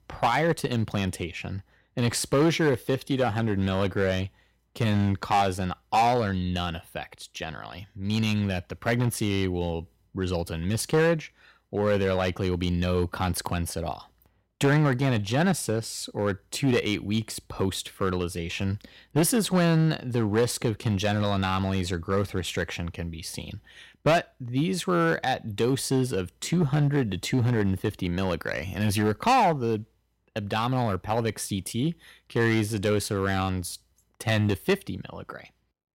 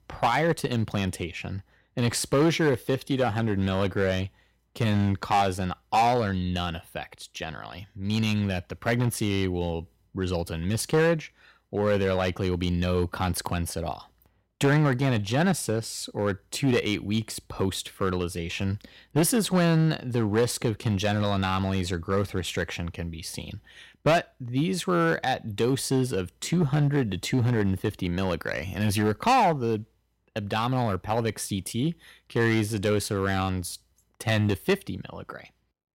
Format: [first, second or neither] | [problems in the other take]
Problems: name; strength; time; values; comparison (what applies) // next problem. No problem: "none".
neither | distortion; slight; 4% of the sound clipped; the same in both